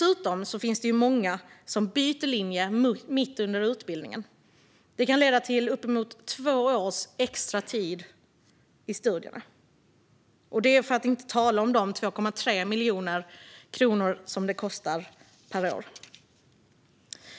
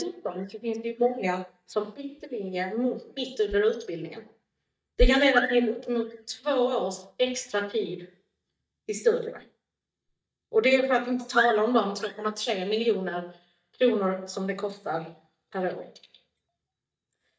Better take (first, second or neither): first